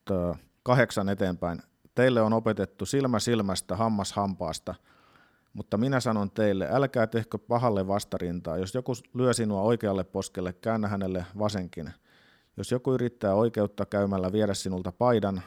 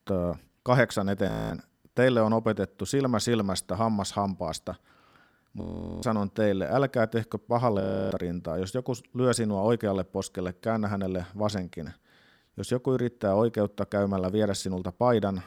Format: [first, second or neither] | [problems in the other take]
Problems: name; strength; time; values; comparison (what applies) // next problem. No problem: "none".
first | audio freezing; at 1.5 s, at 5.5 s and at 8 s